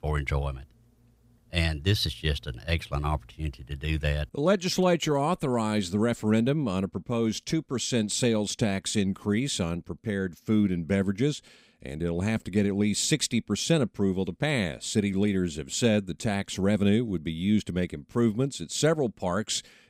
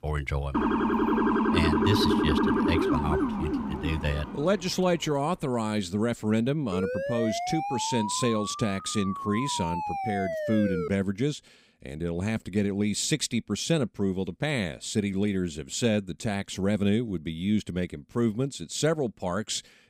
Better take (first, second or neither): first